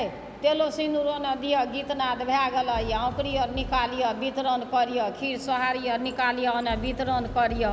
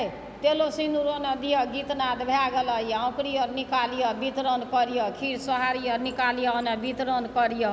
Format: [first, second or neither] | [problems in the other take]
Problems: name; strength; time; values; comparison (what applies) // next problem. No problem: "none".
second | background sound (Fireworks); 14 dB below the speech